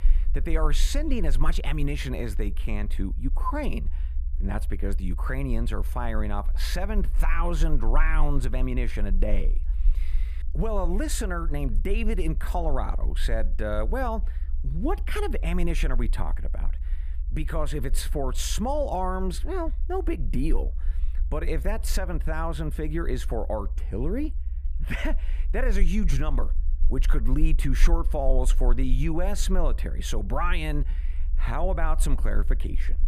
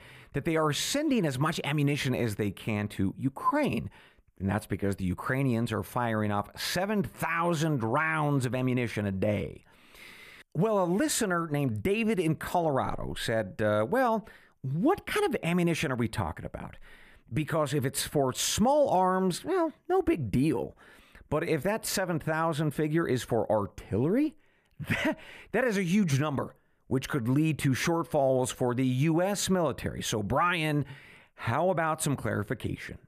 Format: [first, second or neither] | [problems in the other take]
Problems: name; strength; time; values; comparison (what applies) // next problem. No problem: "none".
second | low rumble; faint; throughout; 20 dB below the speech